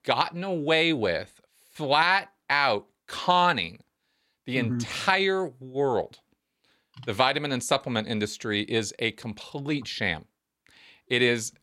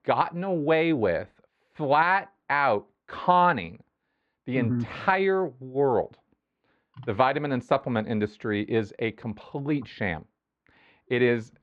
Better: first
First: none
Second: muffled; very; fading above 1.5 kHz

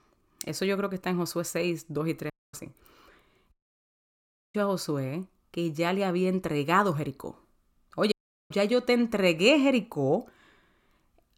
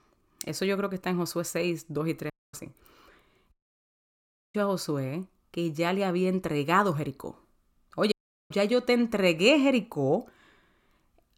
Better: neither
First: audio cutting out; at 2.5 s, at 3.5 s for 1 s and at 8 s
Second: audio cutting out; at 2.5 s, at 3.5 s for 1 s and at 8 s

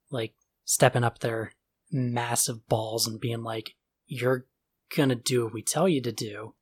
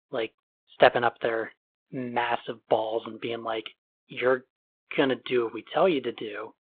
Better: first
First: none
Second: phone-call audio

